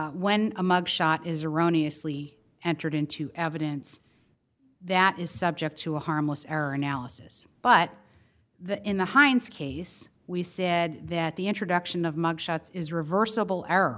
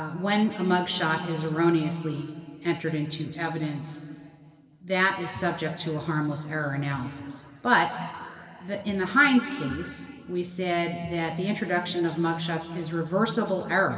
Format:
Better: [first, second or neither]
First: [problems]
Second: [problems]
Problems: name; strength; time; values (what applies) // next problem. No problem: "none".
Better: first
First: none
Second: room echo; dies away in 2.5 s